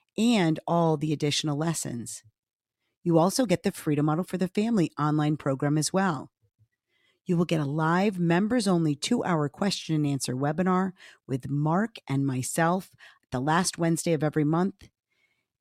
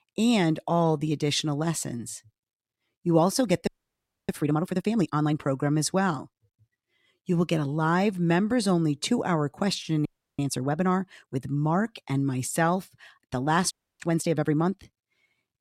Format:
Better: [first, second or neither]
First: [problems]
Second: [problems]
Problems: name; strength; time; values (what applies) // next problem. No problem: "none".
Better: first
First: none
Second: audio freezing; at 3.5 s for 0.5 s, at 10 s and at 14 s